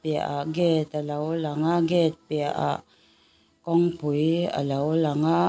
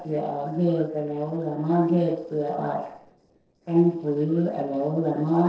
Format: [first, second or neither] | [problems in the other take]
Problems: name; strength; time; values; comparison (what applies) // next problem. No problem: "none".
first | noise reduction (neural separator model SepFormer DNS4)